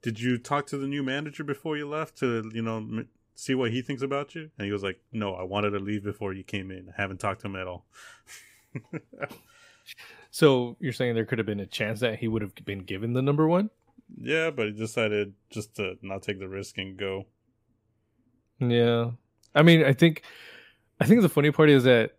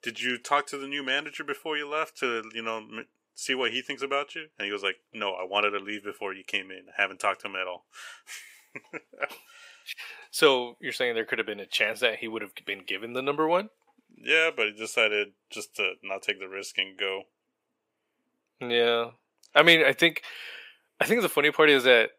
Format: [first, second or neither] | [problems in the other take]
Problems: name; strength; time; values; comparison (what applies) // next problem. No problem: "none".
first | thin; very; fading below 550 Hz